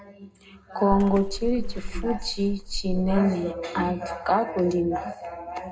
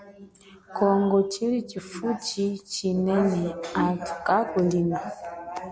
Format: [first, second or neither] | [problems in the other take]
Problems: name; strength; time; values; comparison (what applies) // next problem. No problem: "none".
second | background sound (Water / Splash, splatter); 4 dB below the speech // room echo; dies away in 0.2 s